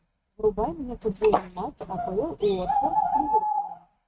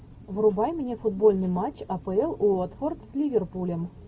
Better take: second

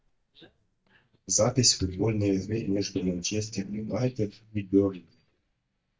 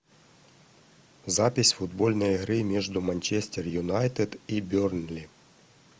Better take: second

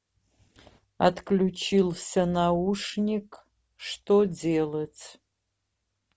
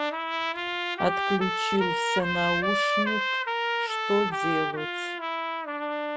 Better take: first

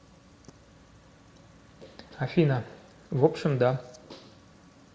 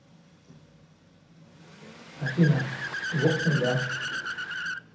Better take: first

